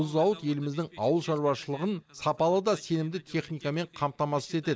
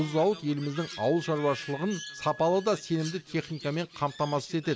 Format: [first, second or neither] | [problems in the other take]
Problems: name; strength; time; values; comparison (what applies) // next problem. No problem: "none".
first | background sound (Wind instrument, woodwind instrument + Crow); 17 dB below the speech